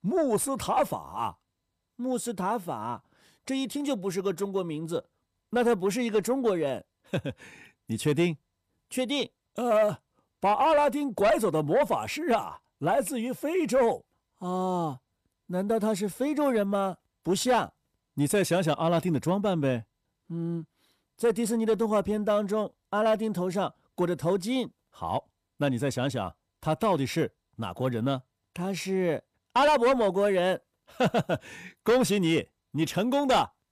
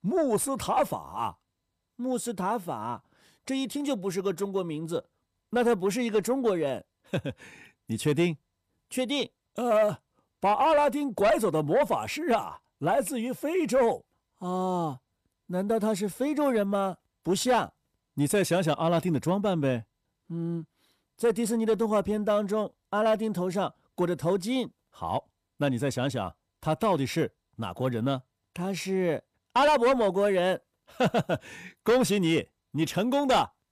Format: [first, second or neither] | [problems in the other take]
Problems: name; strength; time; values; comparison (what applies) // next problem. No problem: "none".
neither | distortion; slight; 10 dB below the speech; the same in both